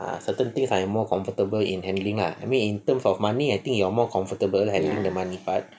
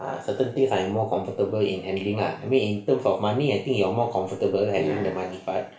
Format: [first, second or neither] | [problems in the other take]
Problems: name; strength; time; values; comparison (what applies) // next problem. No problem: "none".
first | room echo; dies away in 0.4 s